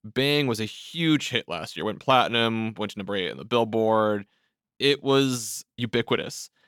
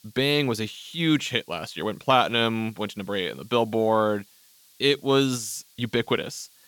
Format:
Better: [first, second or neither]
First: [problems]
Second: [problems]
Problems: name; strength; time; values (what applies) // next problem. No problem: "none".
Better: first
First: none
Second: hiss; faint; throughout; 30 dB below the speech